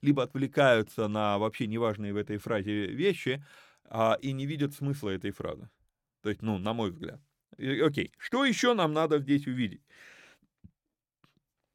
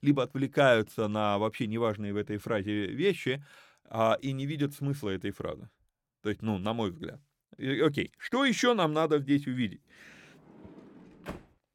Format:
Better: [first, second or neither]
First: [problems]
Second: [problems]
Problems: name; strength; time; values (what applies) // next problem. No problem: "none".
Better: first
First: none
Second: door banging; faint; at 10 s; peak 15 dB below the speech